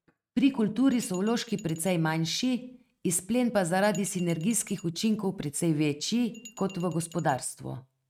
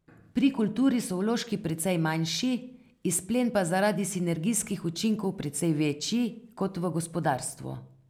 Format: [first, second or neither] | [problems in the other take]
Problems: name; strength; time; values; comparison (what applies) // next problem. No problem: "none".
second | noise reduction (neural mask model RNNoise)